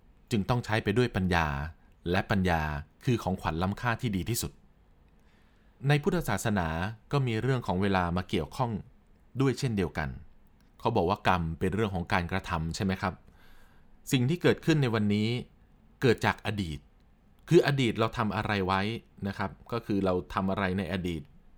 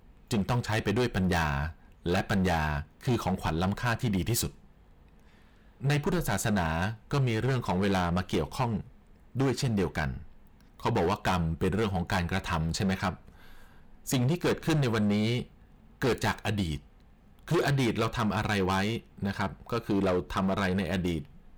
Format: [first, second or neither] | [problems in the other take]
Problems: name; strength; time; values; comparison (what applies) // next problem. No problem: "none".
first | distortion; heavy; 12% of the sound clipped